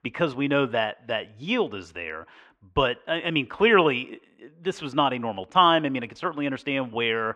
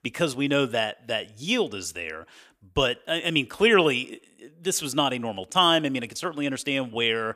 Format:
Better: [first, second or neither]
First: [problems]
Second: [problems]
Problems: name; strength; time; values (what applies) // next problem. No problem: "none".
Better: second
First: muffled; very; fading above 2 kHz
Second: none